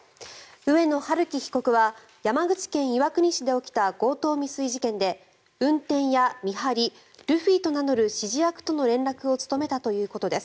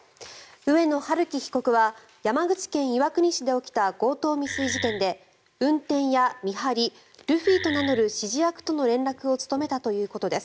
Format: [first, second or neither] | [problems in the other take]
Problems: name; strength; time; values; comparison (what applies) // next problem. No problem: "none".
first | background sound (Wood); 7 dB below the speech